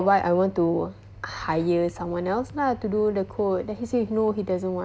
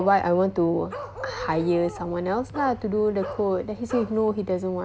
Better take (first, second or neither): first